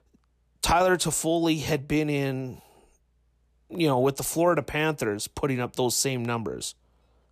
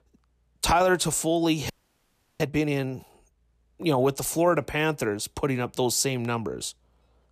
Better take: first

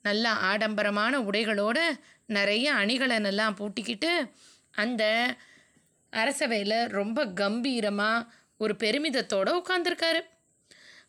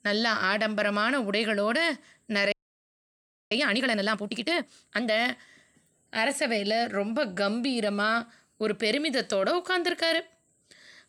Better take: first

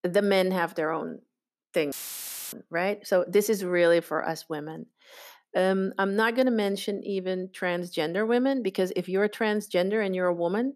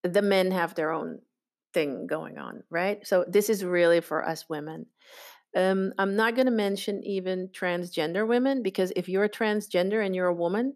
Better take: second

